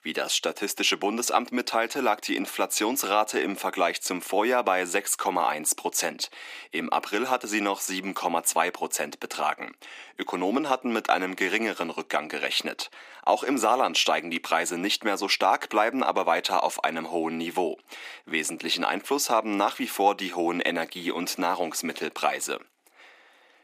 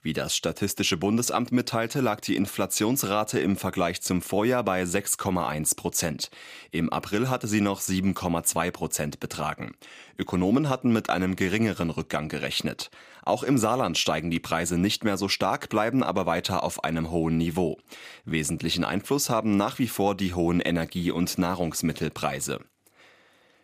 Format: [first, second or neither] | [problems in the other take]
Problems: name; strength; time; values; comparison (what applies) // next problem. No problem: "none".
second | thin; somewhat; fading below 300 Hz